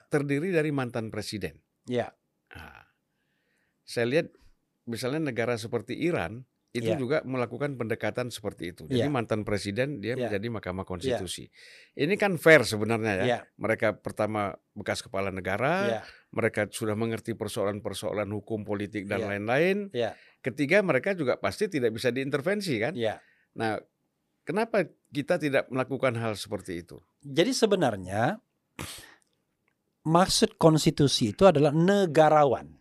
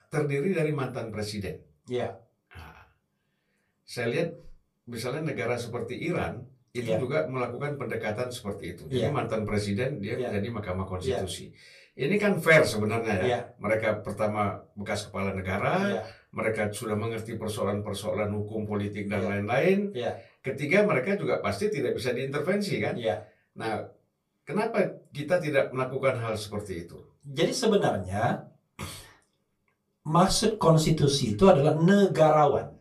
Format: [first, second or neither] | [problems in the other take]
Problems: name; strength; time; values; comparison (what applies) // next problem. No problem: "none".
first | off-mic speech; far // room echo; very slight; dies away in 0.2 s